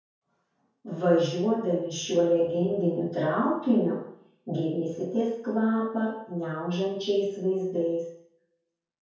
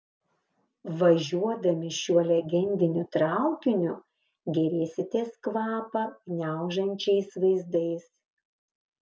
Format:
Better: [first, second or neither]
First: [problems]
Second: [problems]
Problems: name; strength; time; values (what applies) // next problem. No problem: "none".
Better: second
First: room echo; dies away in 0.5 s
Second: none